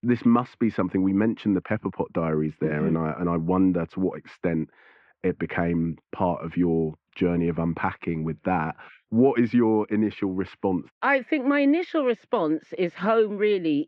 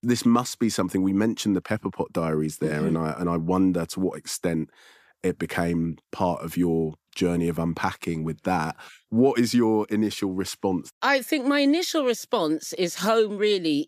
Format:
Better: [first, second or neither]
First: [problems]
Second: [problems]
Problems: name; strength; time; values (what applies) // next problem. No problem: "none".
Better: second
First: muffled; very; fading above 2.5 kHz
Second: none